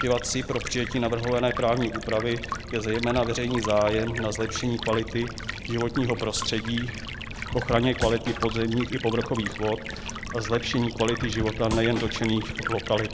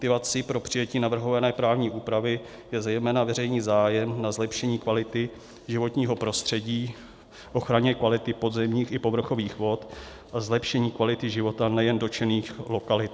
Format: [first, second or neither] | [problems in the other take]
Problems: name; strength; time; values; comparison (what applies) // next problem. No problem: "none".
second | background sound (Drum / Drum kit + Stream); 7 dB below the speech